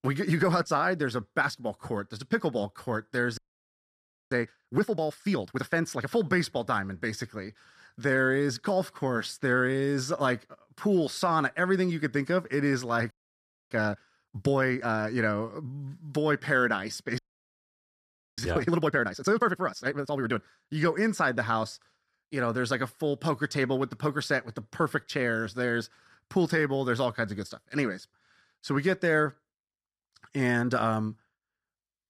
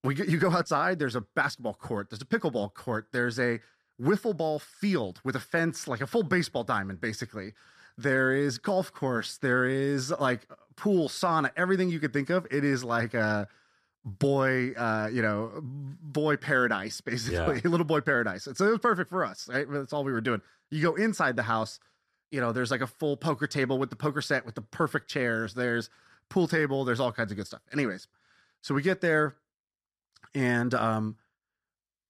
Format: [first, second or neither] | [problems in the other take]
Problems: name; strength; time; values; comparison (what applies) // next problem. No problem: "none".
second | audio freezing; at 3.5 s for 1 s, at 13 s for 0.5 s and at 17 s for 1 s